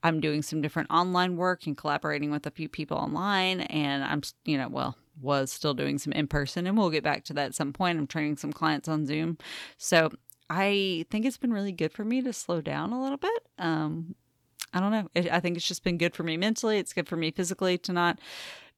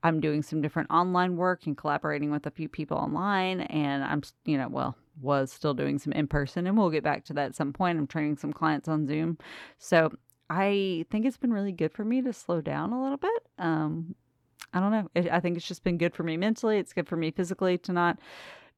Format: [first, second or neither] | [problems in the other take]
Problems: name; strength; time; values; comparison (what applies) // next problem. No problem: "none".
first | muffled; slightly; fading above 2.5 kHz